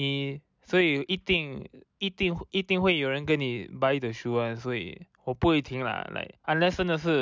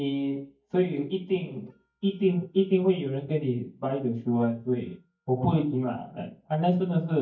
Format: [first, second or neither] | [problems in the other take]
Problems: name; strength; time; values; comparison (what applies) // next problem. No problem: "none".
first | noise reduction (neural mask model DeepFilterNet 3)